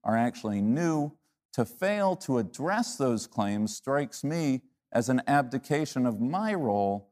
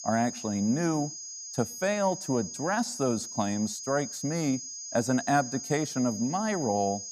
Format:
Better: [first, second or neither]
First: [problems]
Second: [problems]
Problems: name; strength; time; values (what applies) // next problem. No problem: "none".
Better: first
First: none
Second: high-pitched whine; loud; throughout; 6.5 kHz, 8 dB below the speech